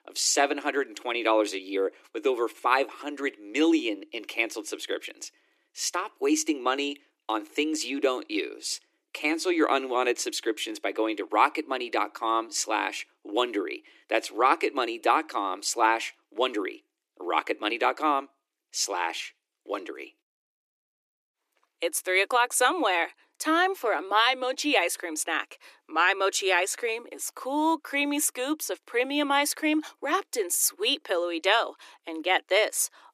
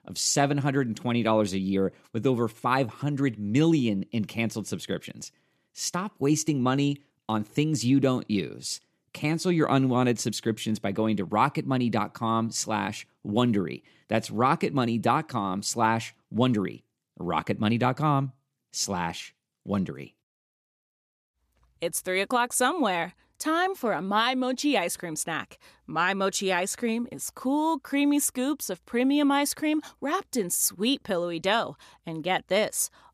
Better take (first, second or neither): second